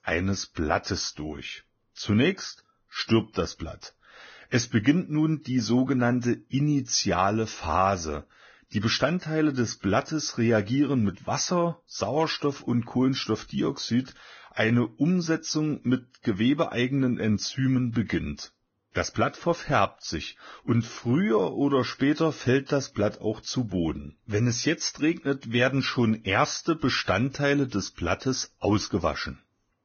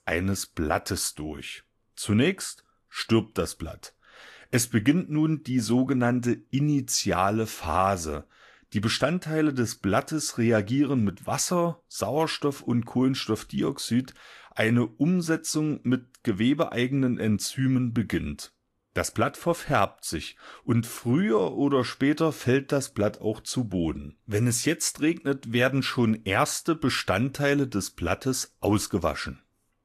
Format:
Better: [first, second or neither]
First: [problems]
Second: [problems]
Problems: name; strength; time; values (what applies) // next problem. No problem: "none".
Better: second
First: garbled, watery; badly; nothing above 6.5 kHz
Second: garbled, watery; slightly; nothing above 12.5 kHz